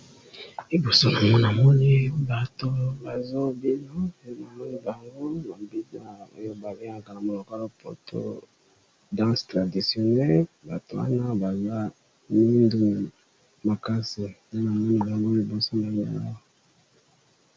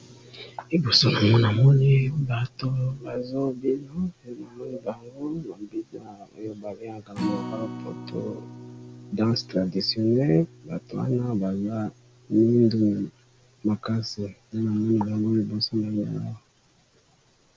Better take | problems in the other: first | background sound (Acoustic guitar); 19 dB below the speech

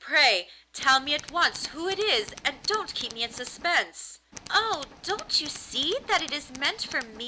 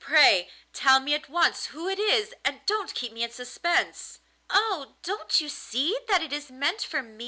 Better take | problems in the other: second | background sound (Tools); 17 dB below the speech

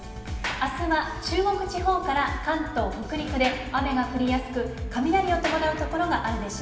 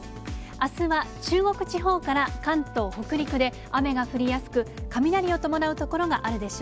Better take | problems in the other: second | background sound (Sliding door); 15 dB below the speech // room echo; dies away in 1.4 s

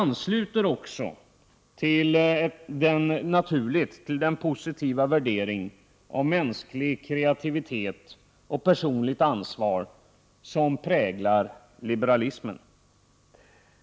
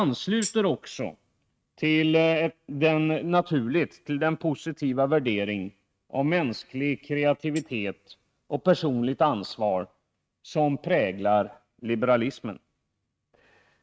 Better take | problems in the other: first | noise reduction (neural mask model RNNoise)

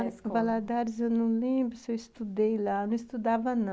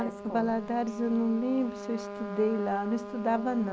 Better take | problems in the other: first | background sound (Trumpet); 11 dB below the speech

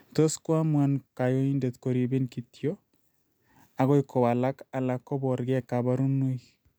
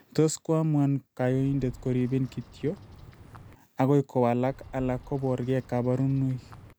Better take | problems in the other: first | background sound (Bird vocalization, bird call, bird song); 19 dB below the speech

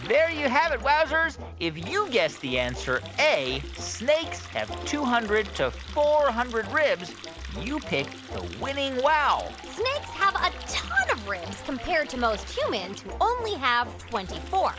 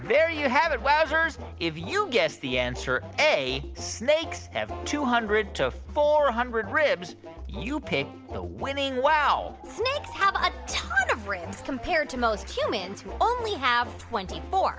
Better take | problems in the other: second | background sound (Water tap, faucet); 18 dB below the speech

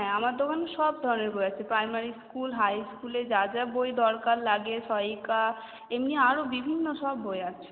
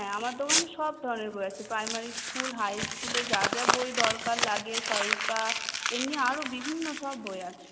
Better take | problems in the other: first | background sound (Crumpling, crinkling); 1 dB above the speech

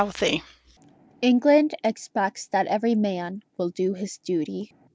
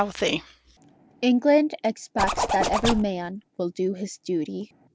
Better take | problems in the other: first | background sound (Zipper (clothing)); 2 dB below the speech

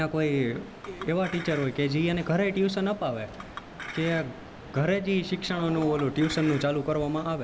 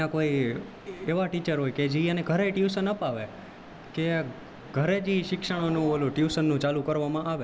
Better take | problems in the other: second | background sound (Motorcycle / Accelerating, revving, vroom + Chink, clink); 17 dB below the speech

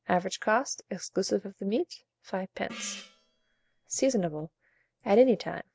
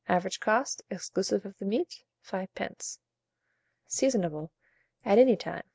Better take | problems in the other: second | background sound (Gong); 16 dB below the speech

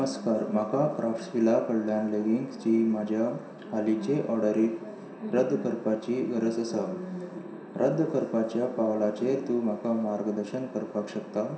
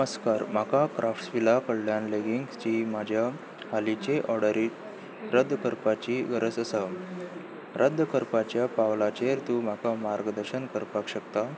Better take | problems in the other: second | room echo; dies away in 0.7 s

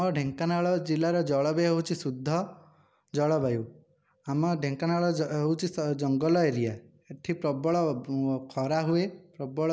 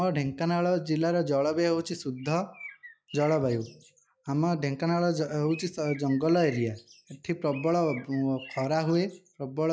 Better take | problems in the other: first | noise reduction (classical method log-MMSE)

